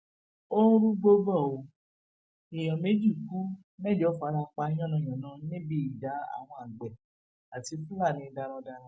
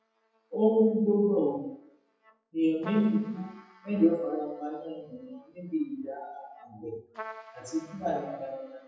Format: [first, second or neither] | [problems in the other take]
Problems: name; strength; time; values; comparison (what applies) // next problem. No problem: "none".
first | noise reduction (classical method WPE with log-MMSE)